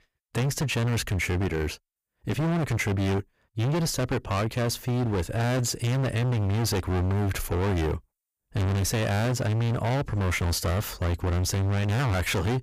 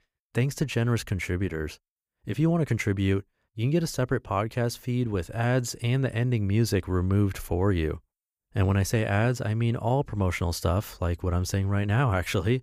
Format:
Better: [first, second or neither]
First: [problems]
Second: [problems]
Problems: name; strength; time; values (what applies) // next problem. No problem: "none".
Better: second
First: distortion; heavy; 38% of the sound clipped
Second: none